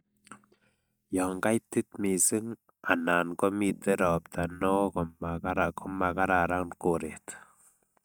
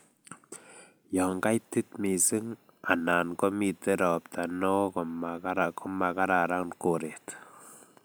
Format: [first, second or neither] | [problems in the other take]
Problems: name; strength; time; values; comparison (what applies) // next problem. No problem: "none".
second | noise reduction (neural mask model DeepFilterNet 3)